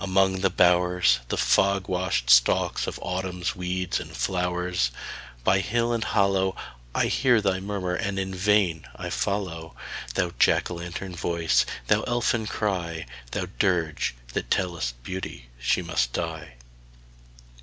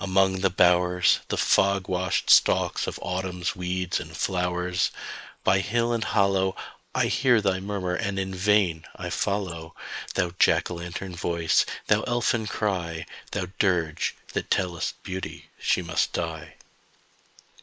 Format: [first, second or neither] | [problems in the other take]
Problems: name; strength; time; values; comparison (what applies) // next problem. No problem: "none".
first | noise reduction (neural mask model Resemble Enhance denoiser)